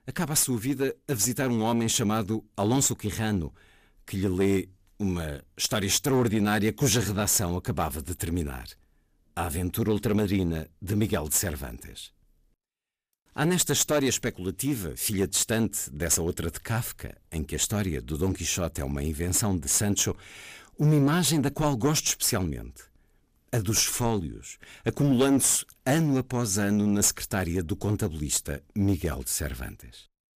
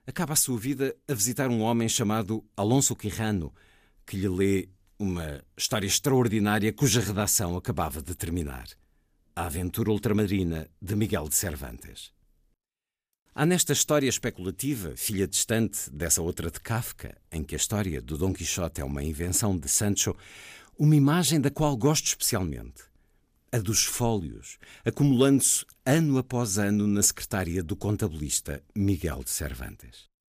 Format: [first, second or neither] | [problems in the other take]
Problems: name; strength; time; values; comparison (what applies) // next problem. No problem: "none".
second | distortion; slight; 4% of the sound clipped